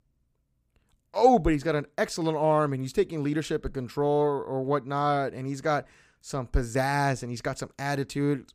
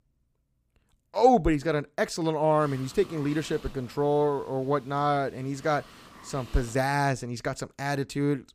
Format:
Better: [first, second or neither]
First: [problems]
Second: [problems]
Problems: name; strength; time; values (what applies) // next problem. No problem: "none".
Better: first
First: none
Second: hiss; very faint; from 2.5 to 7 s; 20 dB below the speech